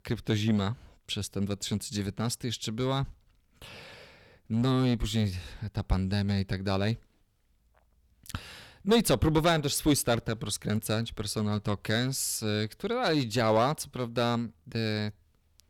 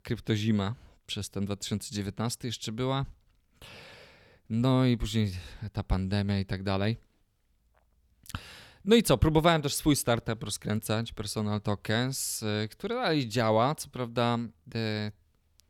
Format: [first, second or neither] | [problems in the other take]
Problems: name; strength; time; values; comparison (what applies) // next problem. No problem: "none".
second | distortion; slight; 3% of the sound clipped